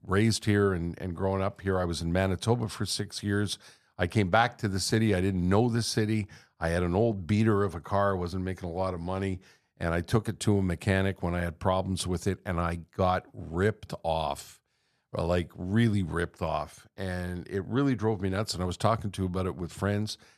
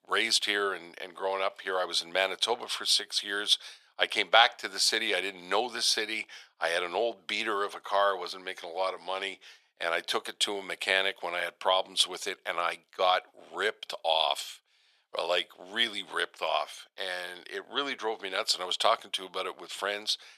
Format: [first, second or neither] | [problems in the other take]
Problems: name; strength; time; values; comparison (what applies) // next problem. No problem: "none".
first | thin; very; fading below 550 Hz